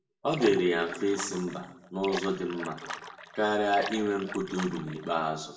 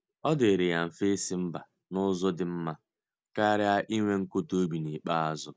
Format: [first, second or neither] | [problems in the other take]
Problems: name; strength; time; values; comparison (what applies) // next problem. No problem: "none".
second | background sound (Splash, splatter); 11 dB below the speech // room echo; dies away in 0.6 s